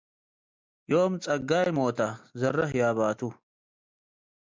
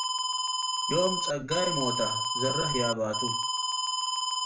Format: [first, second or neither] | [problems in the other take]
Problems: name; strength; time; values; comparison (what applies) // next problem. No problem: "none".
first | background sound (Alarm); 2 dB above the speech // room echo; dies away in 0.3 s